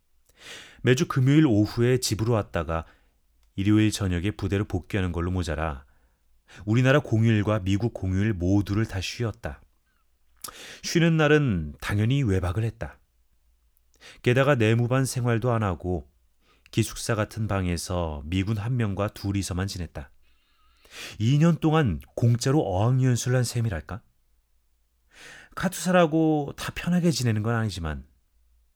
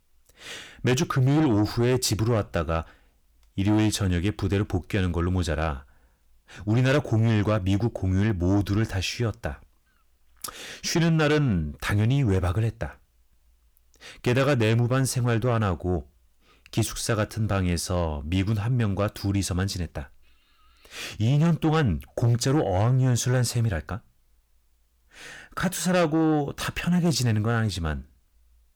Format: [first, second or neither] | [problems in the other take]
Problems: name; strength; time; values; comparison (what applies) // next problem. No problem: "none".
first | distortion; slight; 10 dB below the speech